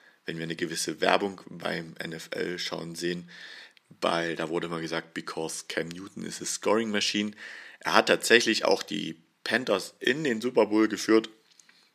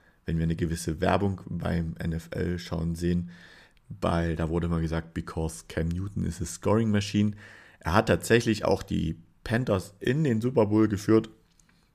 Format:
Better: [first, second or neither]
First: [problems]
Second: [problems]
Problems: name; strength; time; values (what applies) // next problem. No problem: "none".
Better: second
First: thin; somewhat; fading below 250 Hz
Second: none